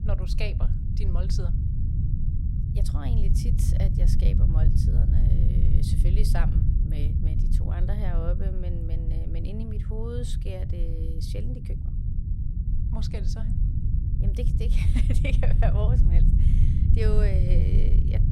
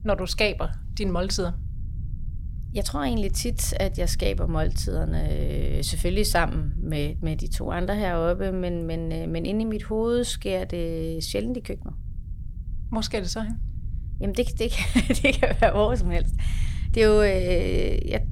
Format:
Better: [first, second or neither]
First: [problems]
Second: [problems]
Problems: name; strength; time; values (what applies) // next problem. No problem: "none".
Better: second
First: low rumble; loud; throughout; 2 dB below the speech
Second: low rumble; faint; throughout; 20 dB below the speech